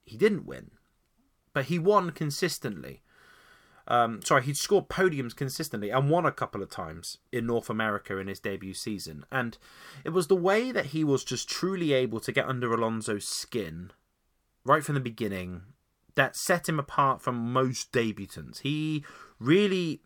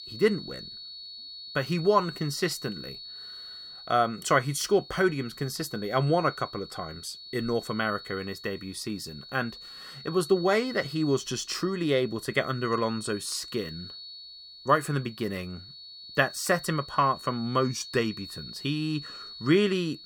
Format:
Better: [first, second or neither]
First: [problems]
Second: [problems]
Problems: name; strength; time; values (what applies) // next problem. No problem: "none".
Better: first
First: none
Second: high-pitched whine; noticeable; throughout; 4.5 kHz, 15 dB below the speech